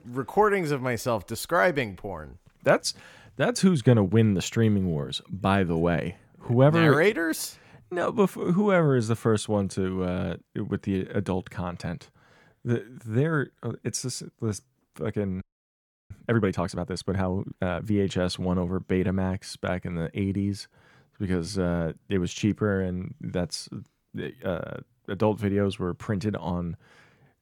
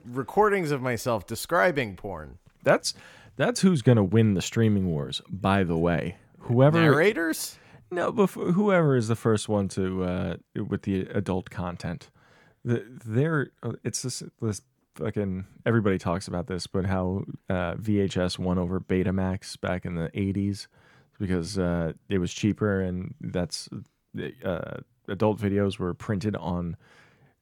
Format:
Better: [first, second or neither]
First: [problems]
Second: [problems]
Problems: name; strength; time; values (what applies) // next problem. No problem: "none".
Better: second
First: audio freezing; at 15 s for 0.5 s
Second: none